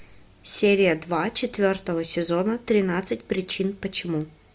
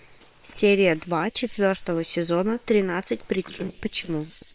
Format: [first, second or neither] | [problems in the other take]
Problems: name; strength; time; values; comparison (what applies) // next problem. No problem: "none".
first | noise reduction (neural separator model SepFormer WHAM!)